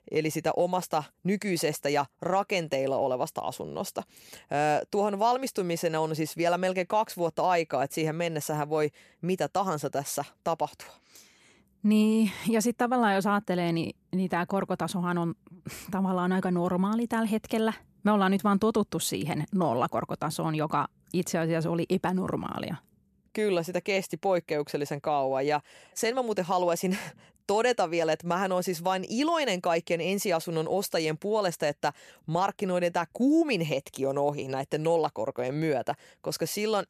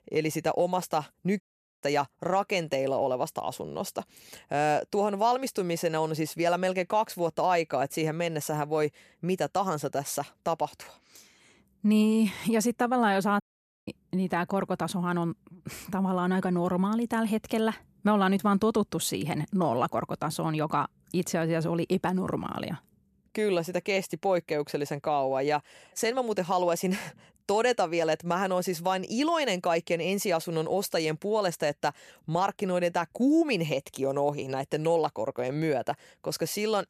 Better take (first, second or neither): first